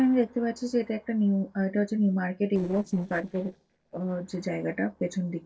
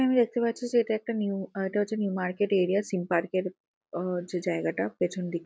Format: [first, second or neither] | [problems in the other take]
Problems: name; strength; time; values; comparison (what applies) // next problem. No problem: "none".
second | noise reduction (neural separator model SepFormer DNS4)